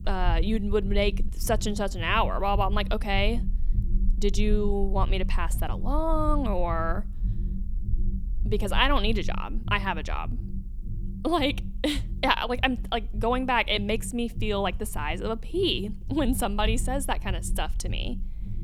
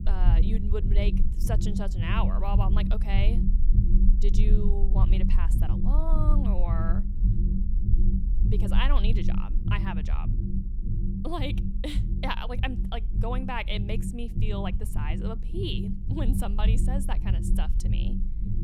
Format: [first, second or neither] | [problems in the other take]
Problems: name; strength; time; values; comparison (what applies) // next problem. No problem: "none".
first | low rumble; loud; throughout; 6 dB below the speech; faint in the first